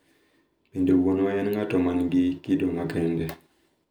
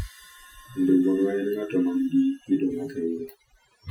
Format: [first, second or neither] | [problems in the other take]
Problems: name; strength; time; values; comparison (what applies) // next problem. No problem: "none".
first | noise reduction (classical method Wiener filter)